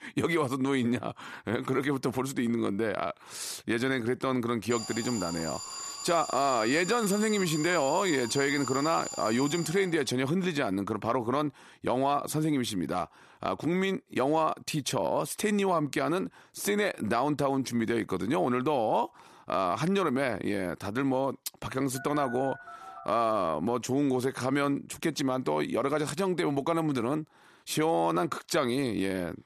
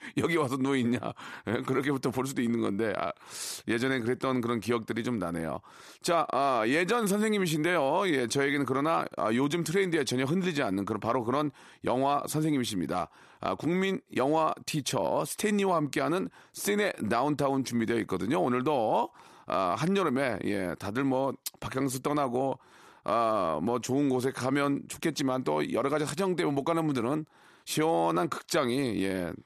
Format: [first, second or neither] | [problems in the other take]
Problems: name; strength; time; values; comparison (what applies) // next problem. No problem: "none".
second | alarm; noticeable; from 4.5 to 10 s; peak 7 dB below the speech // phone ringing; faint; from 22 to 23 s; peak 15 dB below the speech